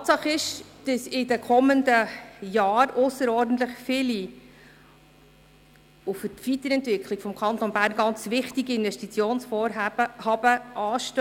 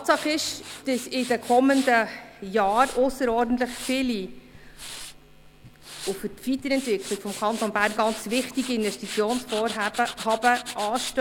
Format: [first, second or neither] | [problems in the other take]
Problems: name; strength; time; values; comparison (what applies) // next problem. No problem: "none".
first | background sound (Tools); 14 dB below the speech